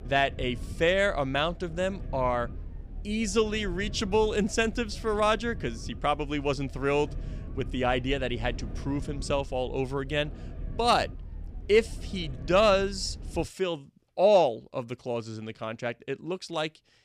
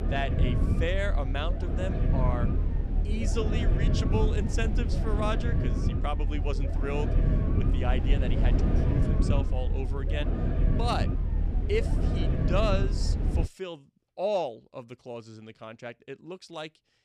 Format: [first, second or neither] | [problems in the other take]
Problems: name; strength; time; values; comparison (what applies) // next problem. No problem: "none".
first | low rumble; loud; until 13 s; 4 dB below the speech; faint in the first